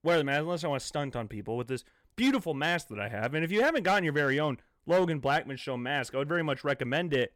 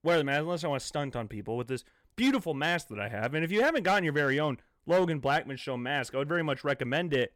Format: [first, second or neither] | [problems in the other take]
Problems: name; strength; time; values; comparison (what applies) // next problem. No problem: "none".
neither | none